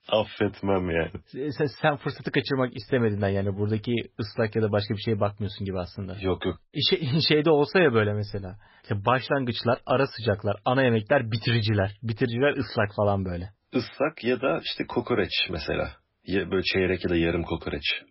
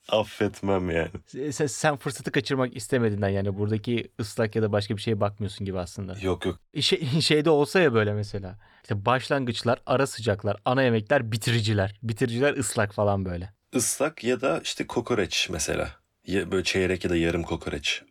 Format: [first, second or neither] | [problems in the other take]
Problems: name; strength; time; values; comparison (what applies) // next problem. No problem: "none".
second | garbled, watery; badly; nothing above 5.5 kHz